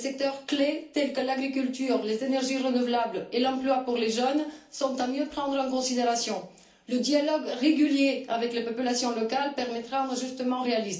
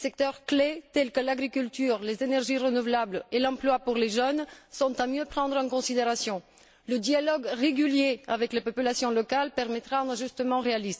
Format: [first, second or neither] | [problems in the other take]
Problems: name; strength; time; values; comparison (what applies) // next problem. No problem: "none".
second | room echo; dies away in 0.4 s